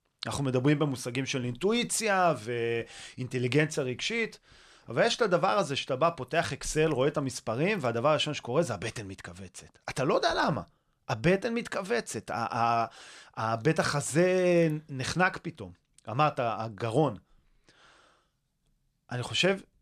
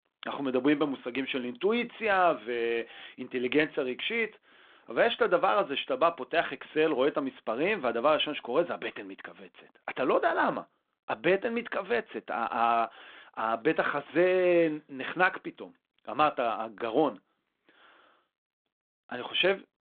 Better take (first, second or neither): first